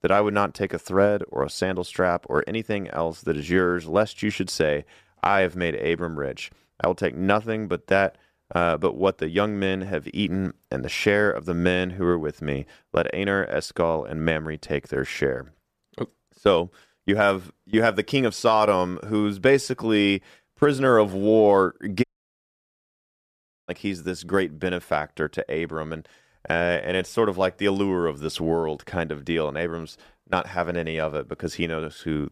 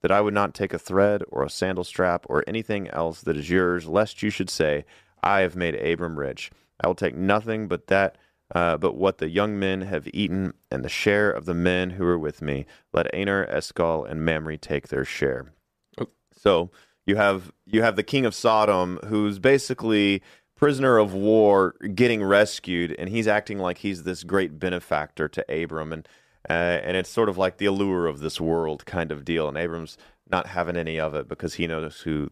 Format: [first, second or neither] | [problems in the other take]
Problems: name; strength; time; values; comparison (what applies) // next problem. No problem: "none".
second | audio cutting out; at 22 s for 1.5 s